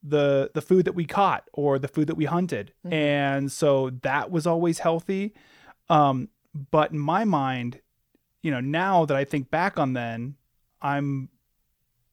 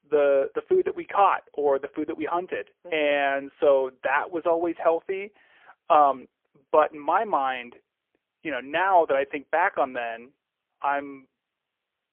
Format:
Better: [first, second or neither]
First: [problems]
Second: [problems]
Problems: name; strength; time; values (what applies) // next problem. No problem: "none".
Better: first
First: none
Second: phone-call audio; poor line; nothing above 3 kHz